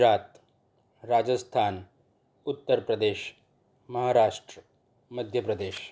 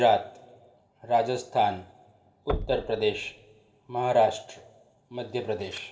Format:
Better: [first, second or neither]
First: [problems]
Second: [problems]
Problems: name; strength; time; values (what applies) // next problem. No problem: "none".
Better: first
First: none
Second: background sound (Knock); 11 dB below the speech // room echo; dies away in 1.2 s